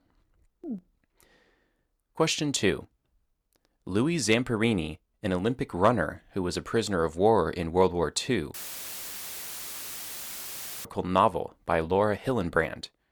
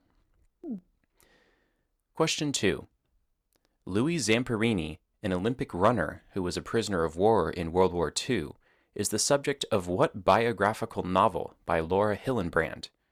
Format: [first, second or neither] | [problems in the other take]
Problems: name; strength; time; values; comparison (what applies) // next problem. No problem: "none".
second | audio cutting out; filled with static; at 8.5 s for 2.5 s